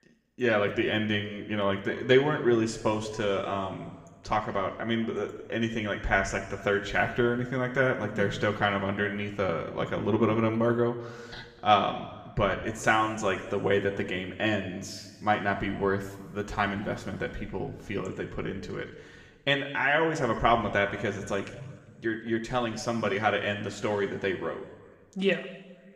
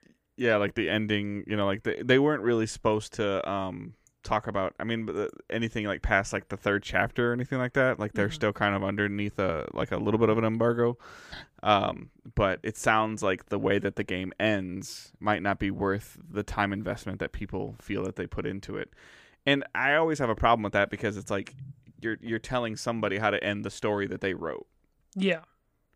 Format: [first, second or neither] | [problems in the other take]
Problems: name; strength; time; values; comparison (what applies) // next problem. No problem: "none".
second | room echo; slight; dies away in 1.5 s